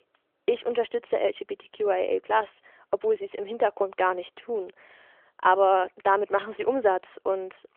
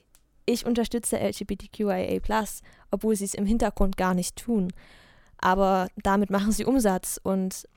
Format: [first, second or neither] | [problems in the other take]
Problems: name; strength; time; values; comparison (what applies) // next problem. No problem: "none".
second | phone-call audio; nothing above 3.5 kHz